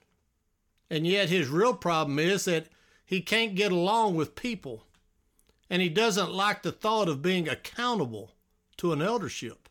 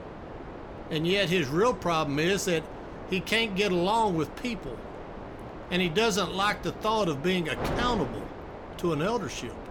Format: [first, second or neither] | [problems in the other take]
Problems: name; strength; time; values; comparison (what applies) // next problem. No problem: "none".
first | wind noise on the microphone; occasional gusts; 15 dB below the speech